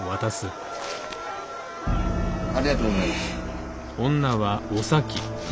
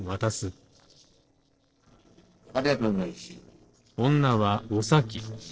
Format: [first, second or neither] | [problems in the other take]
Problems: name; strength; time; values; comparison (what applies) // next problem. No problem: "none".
first | noise reduction (neural separator model SepFormer DNS4)